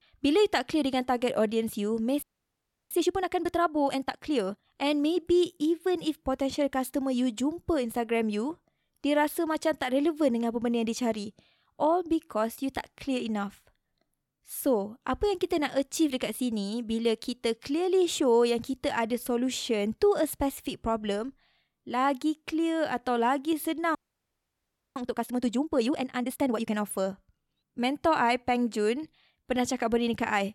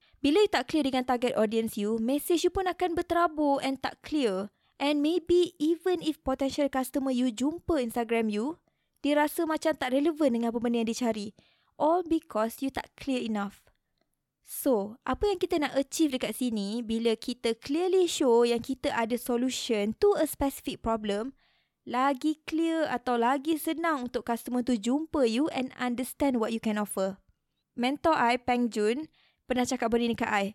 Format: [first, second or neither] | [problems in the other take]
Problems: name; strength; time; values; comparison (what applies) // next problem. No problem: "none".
second | audio freezing; at 2 s for 0.5 s and at 24 s for 1 s